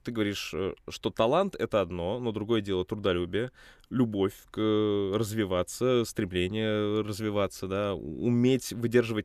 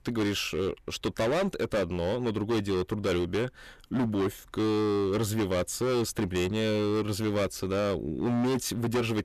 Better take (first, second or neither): first